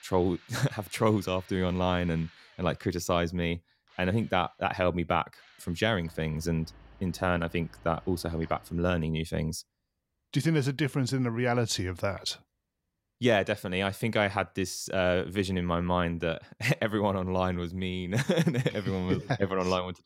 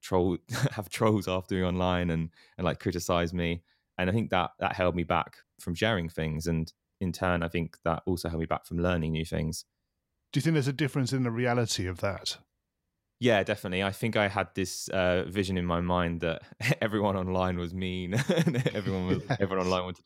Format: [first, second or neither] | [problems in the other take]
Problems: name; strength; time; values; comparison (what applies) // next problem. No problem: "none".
second | machinery noise; faint; until 9 s; 25 dB below the speech